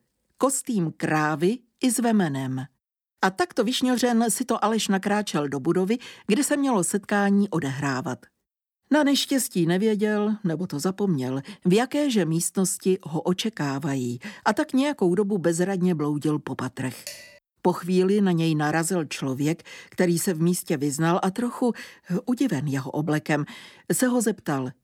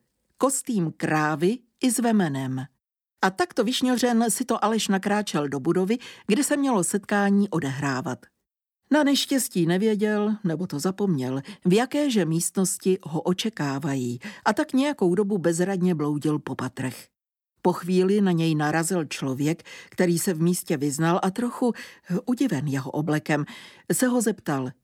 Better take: second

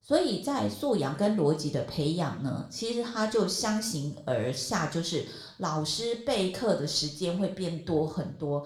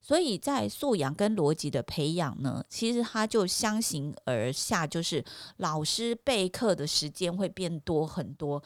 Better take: second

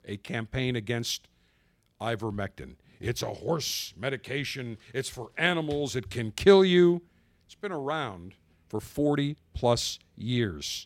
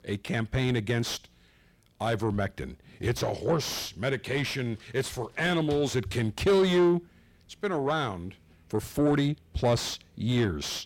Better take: first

